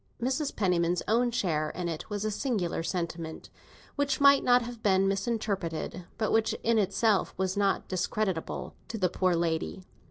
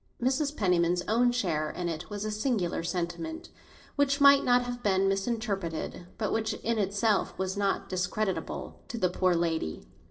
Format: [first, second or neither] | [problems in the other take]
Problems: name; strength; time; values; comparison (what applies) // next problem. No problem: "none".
first | room echo; dies away in 0.5 s